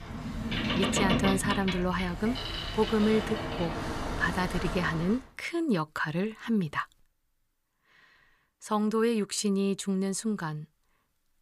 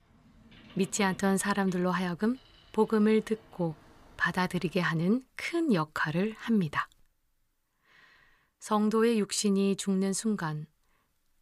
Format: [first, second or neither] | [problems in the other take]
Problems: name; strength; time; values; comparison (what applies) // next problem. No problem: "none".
second | train or aircraft noise; loud; until 5 s; 3 dB below the speech; faint in the second